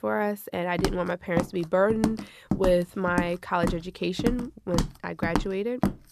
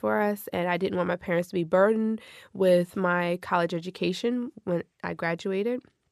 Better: second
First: footsteps; noticeable; from 1 s on; peak 2 dB below the speech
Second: none

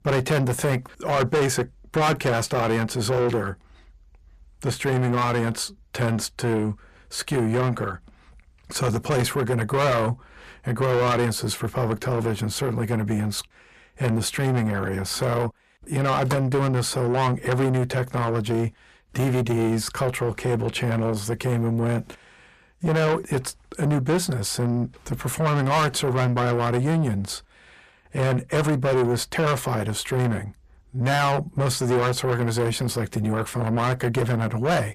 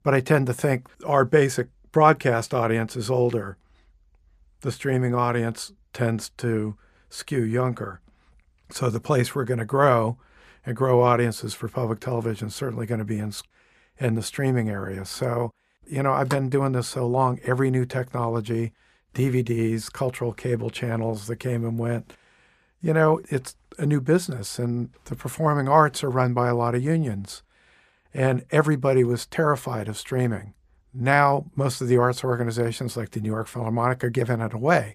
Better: second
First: distortion; heavy; 5 dB below the speech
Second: none

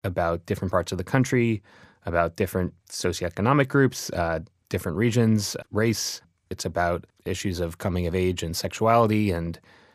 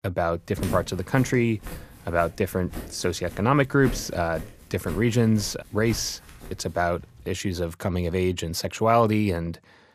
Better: first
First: none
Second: footsteps; noticeable; from 0.5 to 7 s; peak 8 dB below the speech

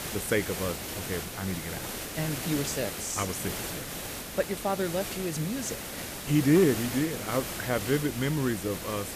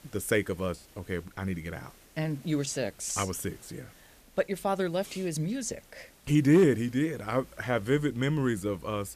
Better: second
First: hiss; loud; throughout; 5 dB below the speech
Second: hiss; faint; throughout; 25 dB below the speech

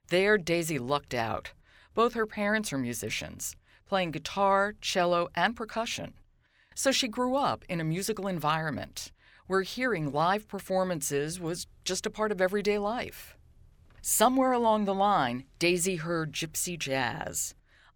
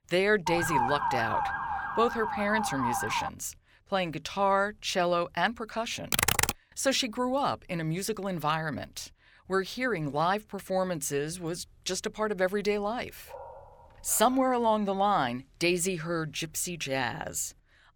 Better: first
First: none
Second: siren; loud; until 3.5 s; peak 2 dB above the speech // keyboard typing; loud; at 6 s; peak 5 dB above the speech // dog barking; faint; from 13 to 14 s; peak 15 dB below the speech

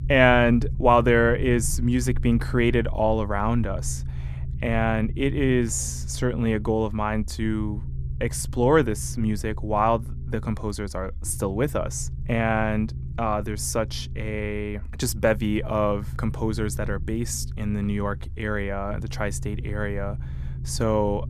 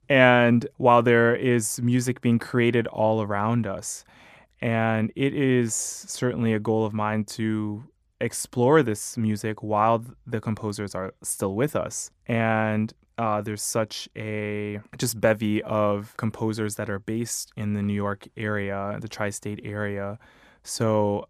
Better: second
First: low rumble; faint; throughout; 20 dB below the speech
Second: none

